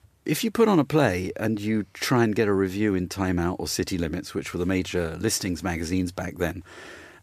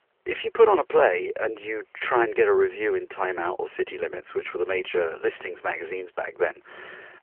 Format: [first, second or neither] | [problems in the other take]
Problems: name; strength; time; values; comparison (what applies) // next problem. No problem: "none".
first | phone-call audio